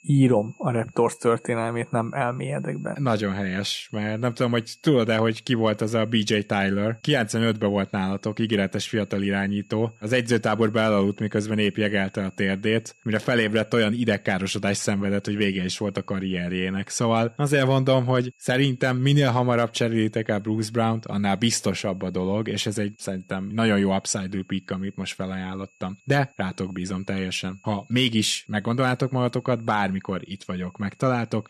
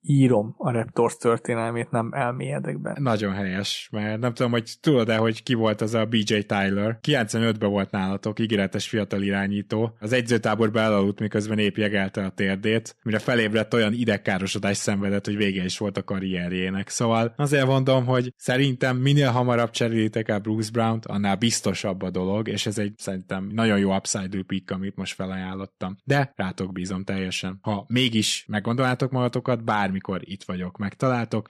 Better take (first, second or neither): second